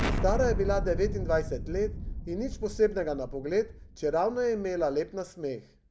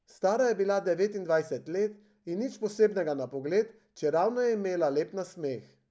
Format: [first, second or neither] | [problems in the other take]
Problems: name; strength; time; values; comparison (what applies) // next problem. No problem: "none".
second | background sound (Explosion); 4 dB below the speech